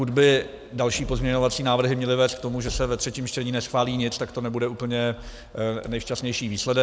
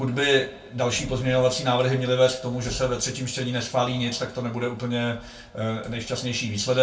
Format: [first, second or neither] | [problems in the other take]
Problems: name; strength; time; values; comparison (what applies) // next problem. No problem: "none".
first | room echo; dies away in 0.2 s